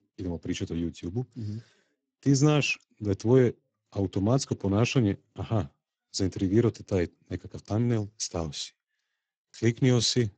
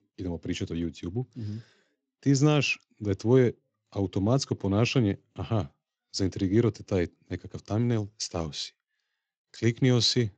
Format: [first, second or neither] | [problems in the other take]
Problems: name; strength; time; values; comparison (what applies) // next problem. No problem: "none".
second | garbled, watery; badly; nothing above 7.5 kHz; slightly in the second